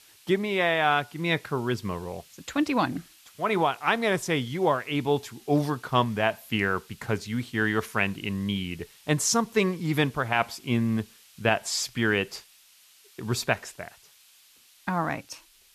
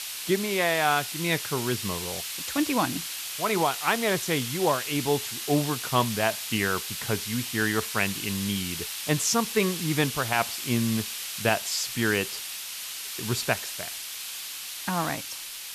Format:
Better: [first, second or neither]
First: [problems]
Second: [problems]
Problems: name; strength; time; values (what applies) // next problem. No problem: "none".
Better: first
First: hiss; faint; throughout; 25 dB below the speech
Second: hiss; loud; throughout; 5 dB below the speech